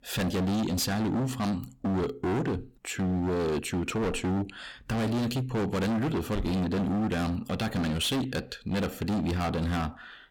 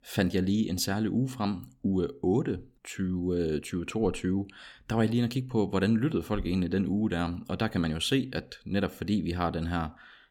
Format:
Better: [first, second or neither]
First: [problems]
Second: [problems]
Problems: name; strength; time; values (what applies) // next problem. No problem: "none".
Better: second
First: distortion; heavy; 32% of the sound clipped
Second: none